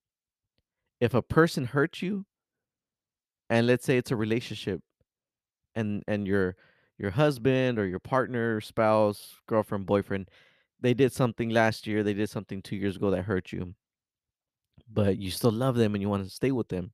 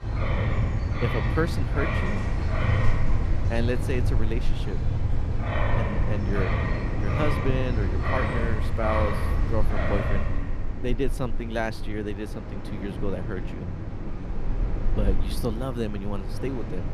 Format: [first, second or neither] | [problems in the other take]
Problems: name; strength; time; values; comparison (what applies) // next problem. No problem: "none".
first | wind in the background; very loud; throughout; 4 dB above the speech